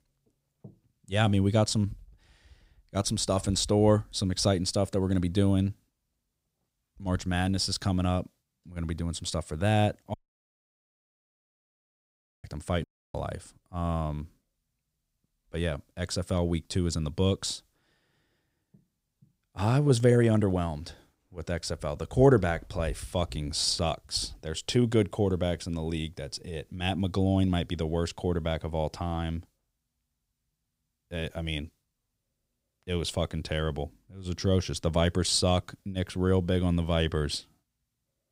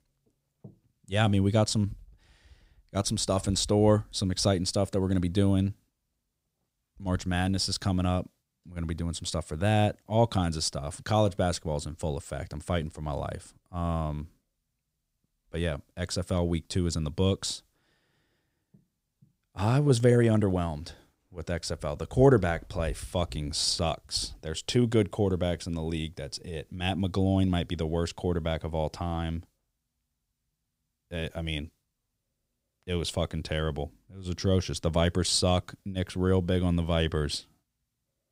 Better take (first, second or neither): second